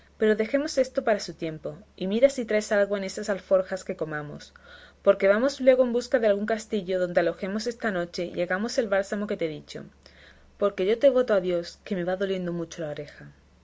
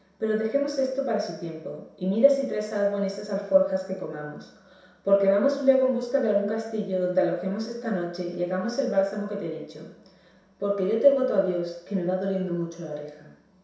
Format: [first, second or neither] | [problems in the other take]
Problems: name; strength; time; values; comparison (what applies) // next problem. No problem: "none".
first | room echo; dies away in 0.7 s